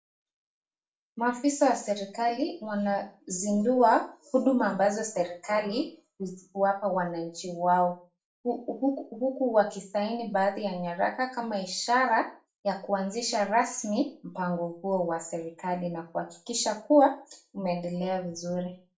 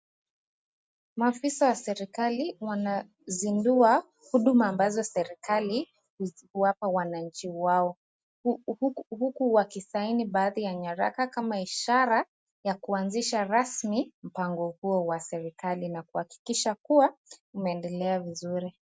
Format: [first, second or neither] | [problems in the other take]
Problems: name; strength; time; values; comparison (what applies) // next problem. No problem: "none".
second | room echo; dies away in 0.3 s